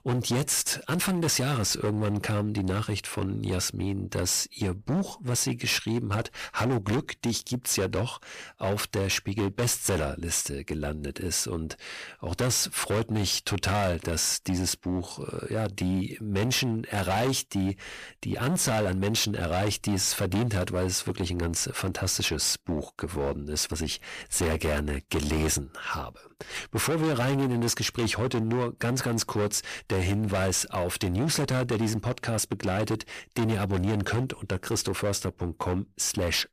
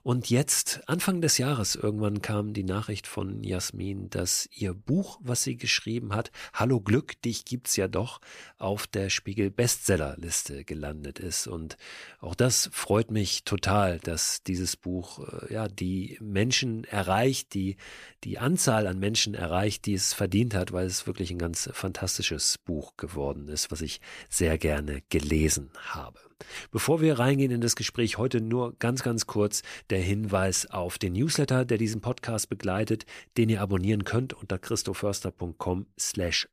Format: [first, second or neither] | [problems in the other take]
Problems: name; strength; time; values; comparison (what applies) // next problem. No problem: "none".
second | distortion; heavy; 19% of the sound clipped